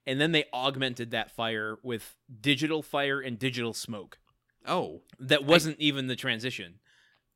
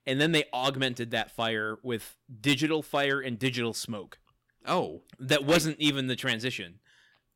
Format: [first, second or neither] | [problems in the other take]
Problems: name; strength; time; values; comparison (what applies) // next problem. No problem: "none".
first | distortion; slight; 1.5% of the sound clipped